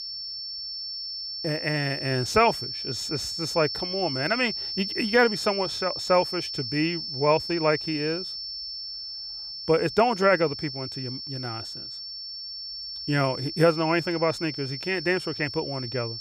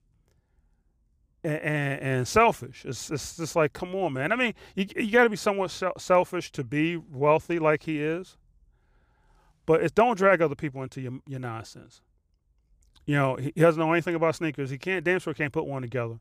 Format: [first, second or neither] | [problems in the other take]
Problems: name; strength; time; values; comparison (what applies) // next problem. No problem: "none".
second | high-pitched whine; loud; throughout; 5.5 kHz, 6 dB below the speech